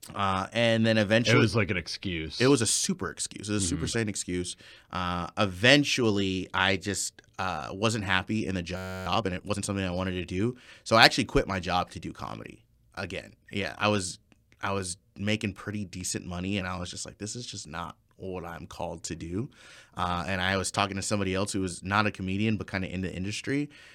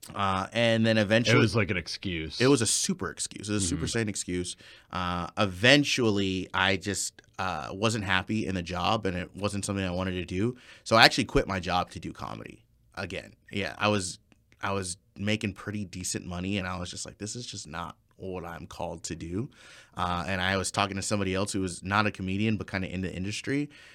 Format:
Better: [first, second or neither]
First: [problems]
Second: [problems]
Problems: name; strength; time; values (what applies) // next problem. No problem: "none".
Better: second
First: audio freezing; at 9 s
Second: none